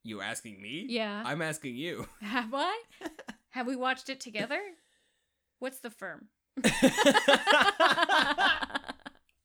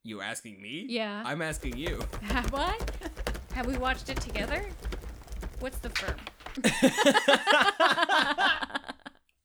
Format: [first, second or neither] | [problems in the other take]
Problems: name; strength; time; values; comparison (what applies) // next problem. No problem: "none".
first | keyboard typing; noticeable; from 1.5 to 6.5 s; peak 6 dB below the speech